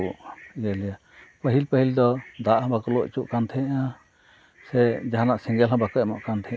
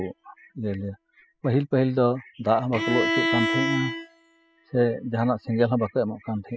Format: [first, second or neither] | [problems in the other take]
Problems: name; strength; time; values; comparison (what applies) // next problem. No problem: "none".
first | noise reduction (classical method spectral subtraction)